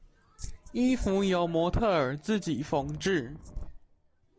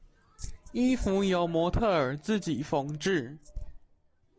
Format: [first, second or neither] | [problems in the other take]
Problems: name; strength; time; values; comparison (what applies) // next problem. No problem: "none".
second | background sound (Wind); 18 dB below the speech